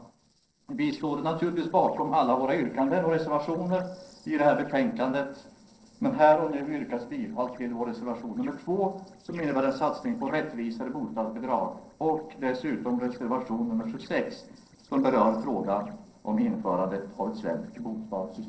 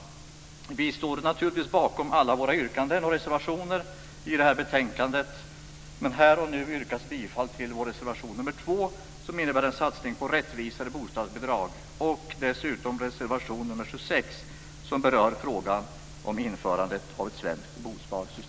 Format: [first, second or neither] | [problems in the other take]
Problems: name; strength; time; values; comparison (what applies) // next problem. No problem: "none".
second | noise reduction (neural separator model SepFormer DNS4)